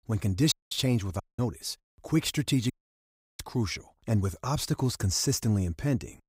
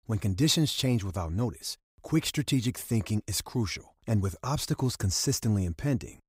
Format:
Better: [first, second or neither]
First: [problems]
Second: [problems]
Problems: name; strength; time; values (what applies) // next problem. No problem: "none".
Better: second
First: audio cutting out; at 0.5 s, at 1 s and at 2.5 s for 0.5 s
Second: none